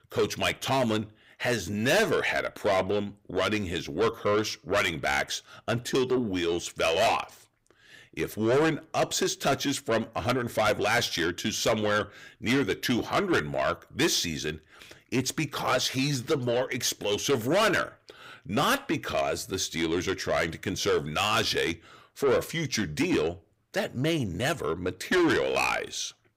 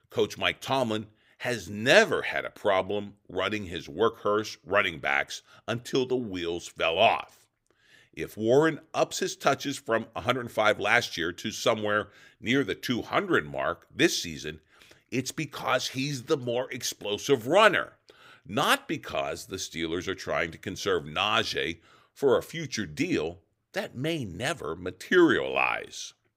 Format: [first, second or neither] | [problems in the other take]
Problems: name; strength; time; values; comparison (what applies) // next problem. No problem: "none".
second | distortion; heavy; 6 dB below the speech